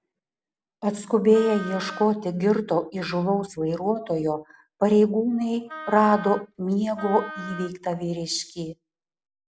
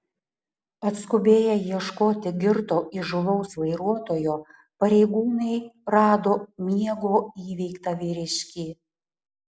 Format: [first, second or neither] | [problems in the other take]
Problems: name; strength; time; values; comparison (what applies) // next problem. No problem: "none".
second | background sound (Wind instrument, woodwind instrument); 14 dB below the speech